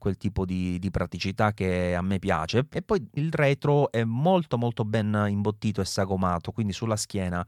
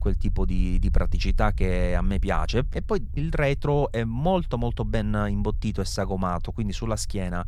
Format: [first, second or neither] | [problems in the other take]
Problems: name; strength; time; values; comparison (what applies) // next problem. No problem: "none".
first | low rumble; faint; throughout; 25 dB below the speech